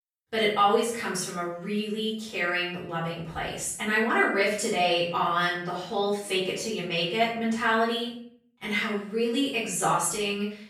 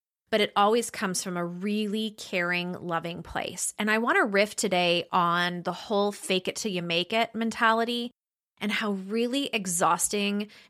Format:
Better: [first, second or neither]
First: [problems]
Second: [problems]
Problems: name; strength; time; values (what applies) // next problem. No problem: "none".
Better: second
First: off-mic speech; far // room echo; noticeable; dies away in 0.5 s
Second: none